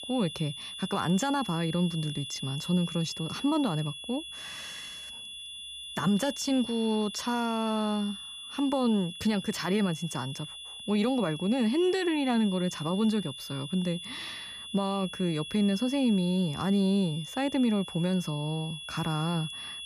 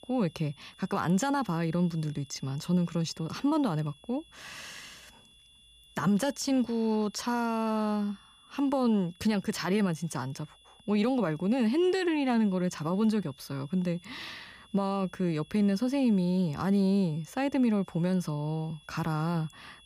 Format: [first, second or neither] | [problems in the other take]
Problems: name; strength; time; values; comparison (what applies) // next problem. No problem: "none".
second | high-pitched whine; loud; throughout; 3.5 kHz, 10 dB below the speech; faint in the second